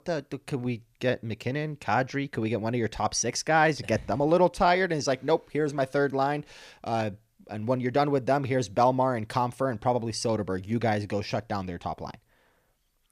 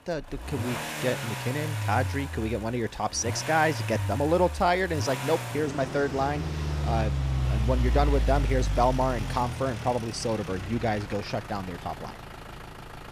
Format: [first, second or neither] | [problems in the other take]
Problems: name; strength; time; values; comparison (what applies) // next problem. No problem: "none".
first | traffic noise; loud; throughout; 4 dB below the speech